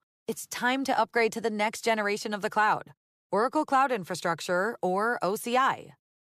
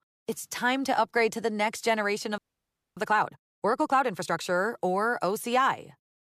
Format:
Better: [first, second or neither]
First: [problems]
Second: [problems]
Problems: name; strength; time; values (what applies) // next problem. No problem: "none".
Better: first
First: none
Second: audio freezing; at 2.5 s for 0.5 s